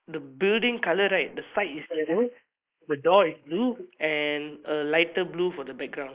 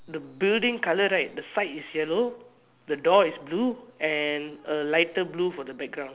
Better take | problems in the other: second | noise reduction (neural mask model Resemble Enhance denoiser)

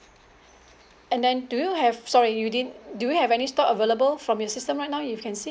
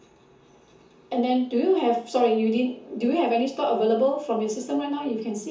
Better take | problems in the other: first | room echo; dies away in 0.6 s

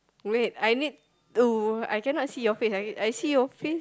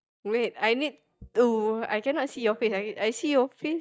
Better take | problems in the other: first | noise reduction (neural mask model DeepFilterNet 3)

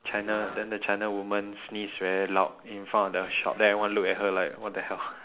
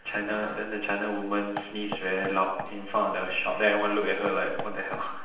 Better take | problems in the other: first | background sound (Knock); 15 dB below the speech // room echo; dies away in 0.8 s

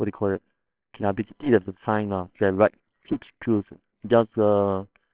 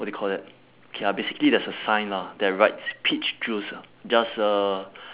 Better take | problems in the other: second | noise reduction (neural separator model SepFormer WHAMR!)

